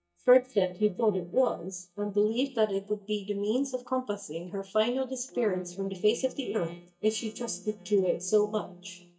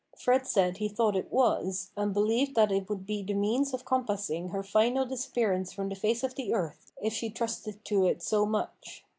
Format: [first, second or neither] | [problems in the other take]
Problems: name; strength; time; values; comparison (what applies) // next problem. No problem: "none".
second | noise reduction (neural mask model DeepFilterNet 3)